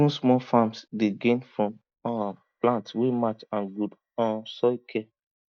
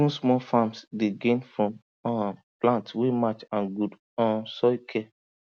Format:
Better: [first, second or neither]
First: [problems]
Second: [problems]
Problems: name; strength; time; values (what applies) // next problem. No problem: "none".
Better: second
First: noise reduction (neural mask model DeepFilterNet 3)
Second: none